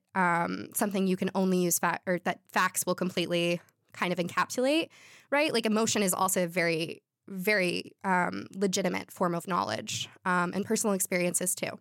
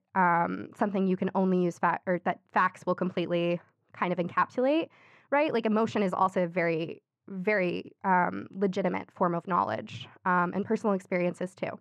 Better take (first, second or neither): first